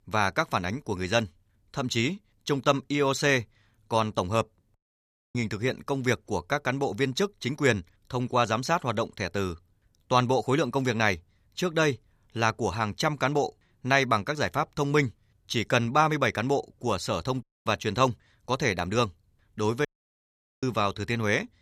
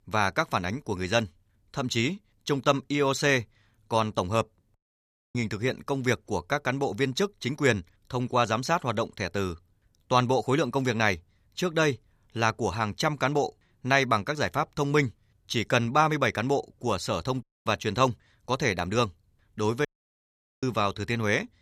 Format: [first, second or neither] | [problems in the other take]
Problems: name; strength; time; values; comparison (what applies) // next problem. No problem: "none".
neither | audio cutting out; at 5 s for 0.5 s, at 17 s and at 20 s for 1 s; the same in both